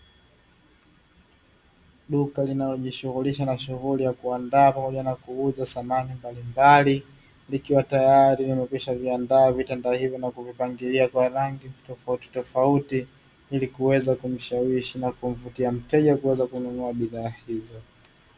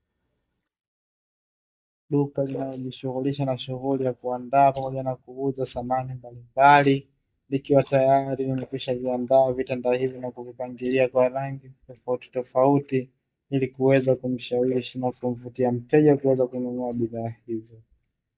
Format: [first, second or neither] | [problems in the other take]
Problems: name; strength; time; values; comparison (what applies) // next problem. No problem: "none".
first | noise reduction (neural mask model DeepFilterNet 3)